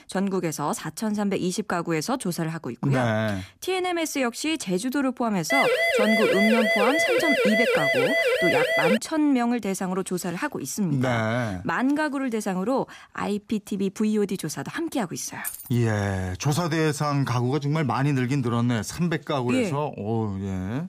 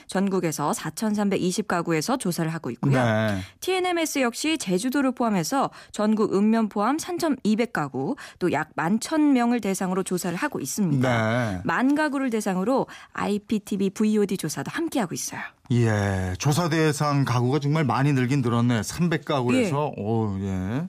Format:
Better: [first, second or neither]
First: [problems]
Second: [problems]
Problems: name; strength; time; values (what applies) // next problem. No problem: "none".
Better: second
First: siren; loud; from 5.5 to 9 s; peak 5 dB above the speech // jangling keys; noticeable; at 15 s; peak 8 dB below the speech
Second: none